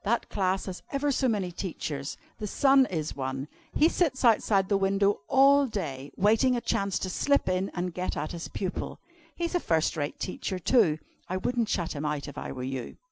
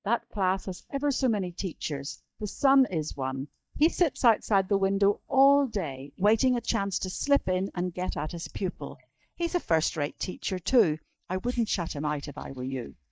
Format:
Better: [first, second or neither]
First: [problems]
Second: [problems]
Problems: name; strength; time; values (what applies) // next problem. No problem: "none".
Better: first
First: none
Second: noise reduction (neural mask model DeepFilterNet 3)